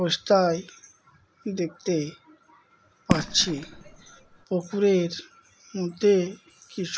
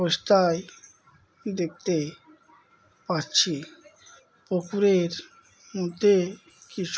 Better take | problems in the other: second | background sound (Fireworks); 4 dB below the speech

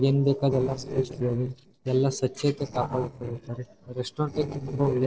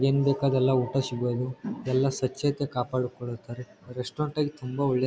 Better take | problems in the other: second | noise reduction (neural separator model SepFormer DNS4)

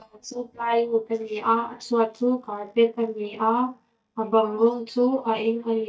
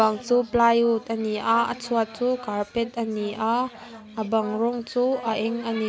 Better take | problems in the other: second | noise reduction (neural mask model DeepFilterNet 3)

